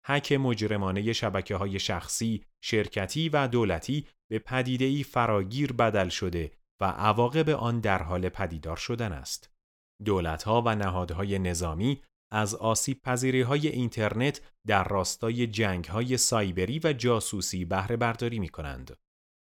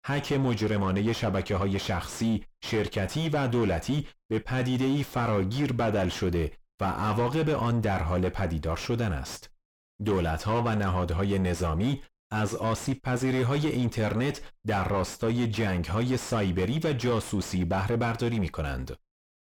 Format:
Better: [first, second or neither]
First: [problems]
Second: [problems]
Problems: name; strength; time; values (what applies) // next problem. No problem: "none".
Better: first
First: none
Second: distortion; heavy; 5 dB below the speech